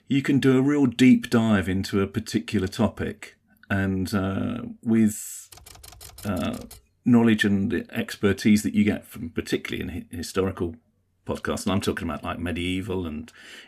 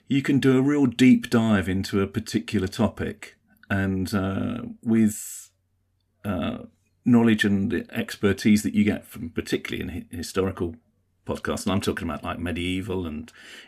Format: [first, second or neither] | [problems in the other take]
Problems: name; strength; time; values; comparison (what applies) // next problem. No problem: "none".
second | keyboard typing; faint; from 5.5 to 7 s; peak 20 dB below the speech